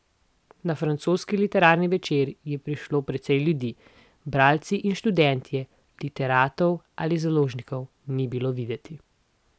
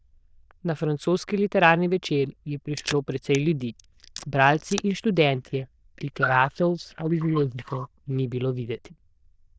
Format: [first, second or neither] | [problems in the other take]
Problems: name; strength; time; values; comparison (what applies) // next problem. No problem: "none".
first | noise reduction (neural diffusion model UNIVERSE++)